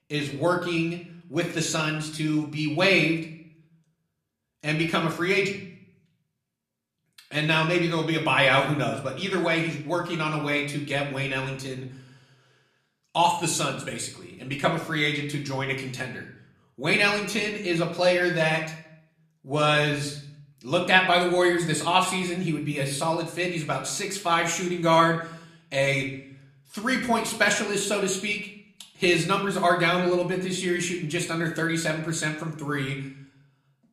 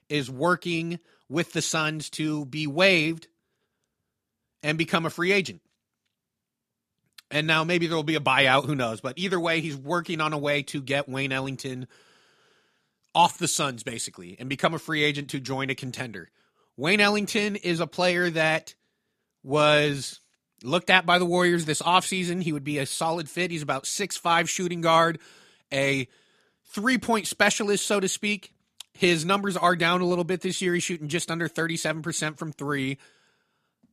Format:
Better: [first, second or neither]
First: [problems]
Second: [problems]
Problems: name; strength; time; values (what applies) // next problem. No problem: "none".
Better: second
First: room echo; slight; dies away in 0.6 s // off-mic speech; somewhat distant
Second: none